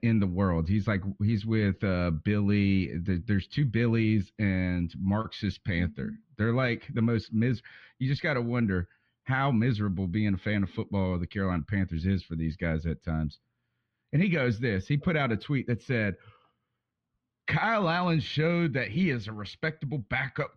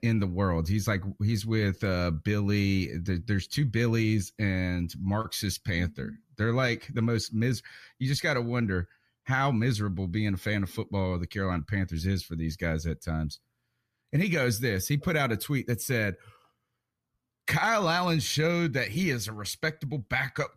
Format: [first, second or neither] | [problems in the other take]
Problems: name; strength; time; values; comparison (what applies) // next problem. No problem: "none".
second | muffled; slightly; fading above 3.5 kHz